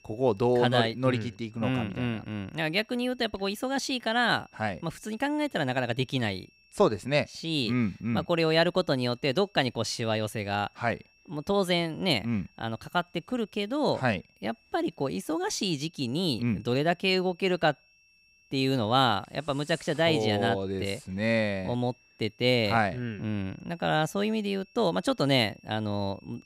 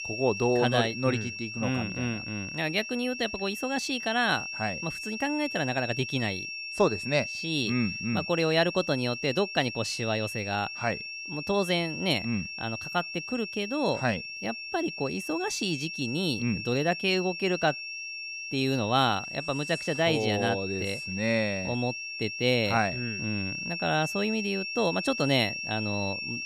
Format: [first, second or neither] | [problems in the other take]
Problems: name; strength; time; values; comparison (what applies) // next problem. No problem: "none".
first | high-pitched whine; loud; throughout; 2.5 kHz, 6 dB below the speech; faint in the first